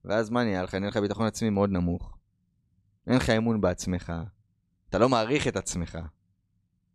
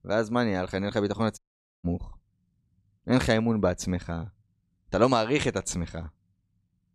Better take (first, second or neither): first